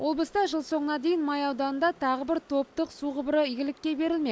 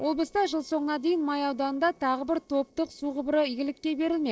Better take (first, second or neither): first